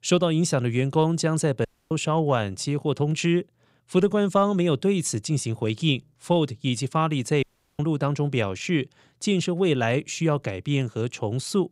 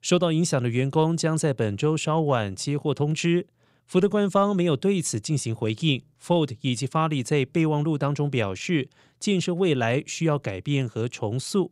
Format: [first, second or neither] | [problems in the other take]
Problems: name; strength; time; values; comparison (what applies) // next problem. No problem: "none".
second | audio cutting out; at 1.5 s and at 7.5 s